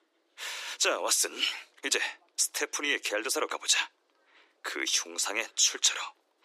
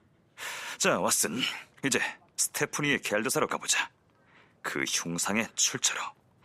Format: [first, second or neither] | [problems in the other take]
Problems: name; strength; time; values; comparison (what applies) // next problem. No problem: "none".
second | thin; somewhat; fading below 300 Hz